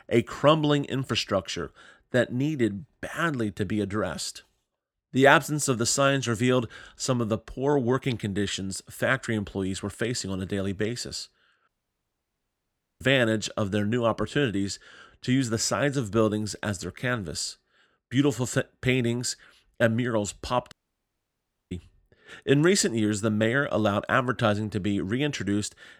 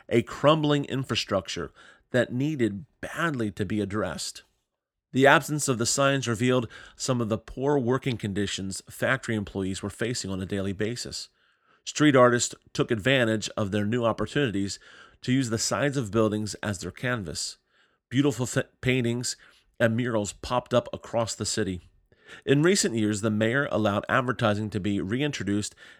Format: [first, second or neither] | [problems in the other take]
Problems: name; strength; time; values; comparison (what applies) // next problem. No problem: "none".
second | audio cutting out; at 12 s for 1.5 s and at 21 s for 1 s